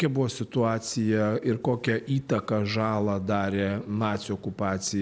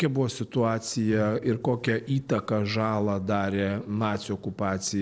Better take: first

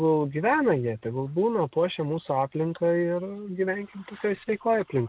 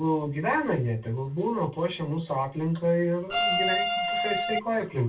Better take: first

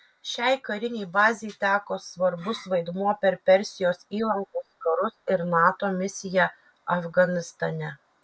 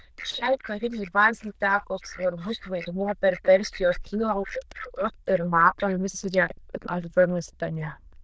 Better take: first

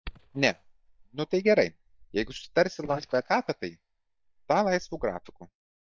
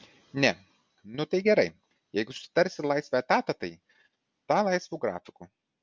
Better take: second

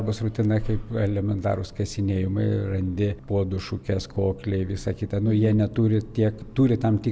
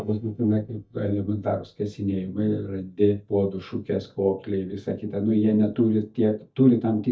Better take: first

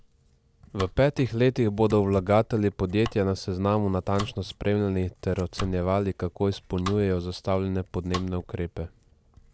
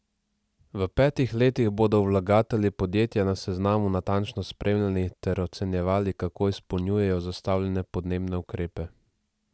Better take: second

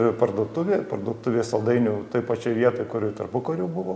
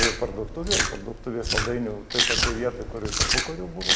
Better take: first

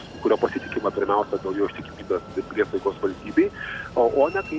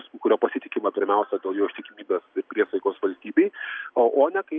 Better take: second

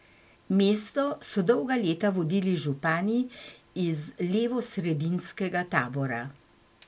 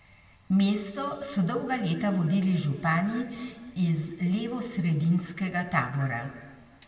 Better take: first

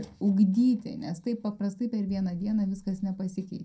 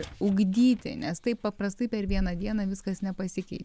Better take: second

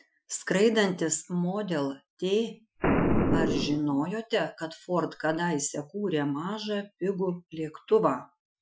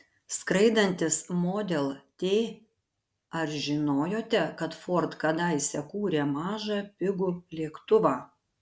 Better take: second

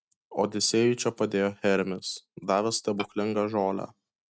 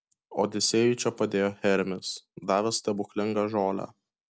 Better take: second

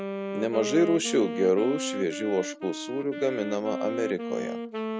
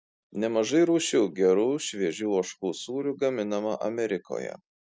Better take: second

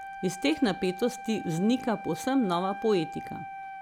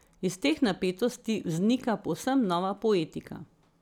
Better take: second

